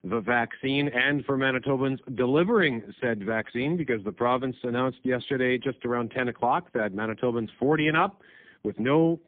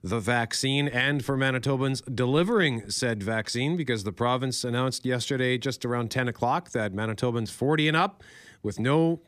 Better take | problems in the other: second | phone-call audio; poor line; nothing above 3.5 kHz

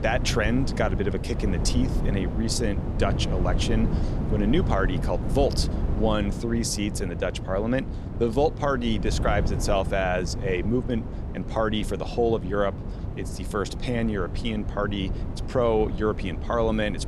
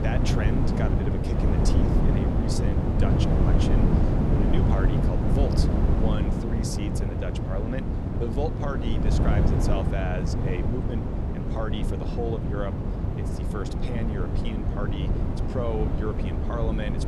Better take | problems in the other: first | wind noise on the microphone; heavy; 2 dB above the speech; occasional gusts in the first

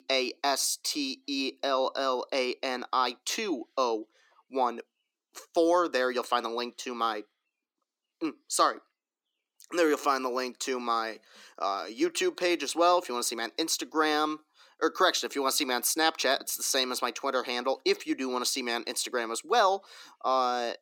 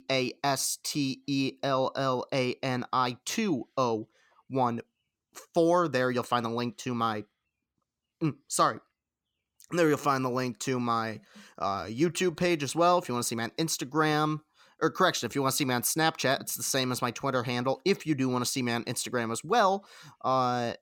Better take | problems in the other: second | thin; somewhat; fading below 300 Hz

